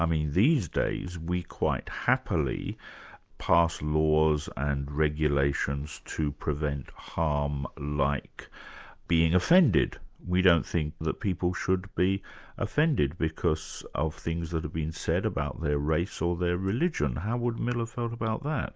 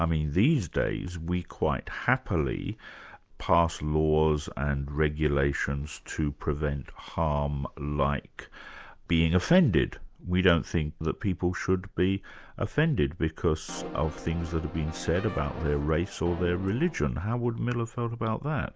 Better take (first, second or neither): first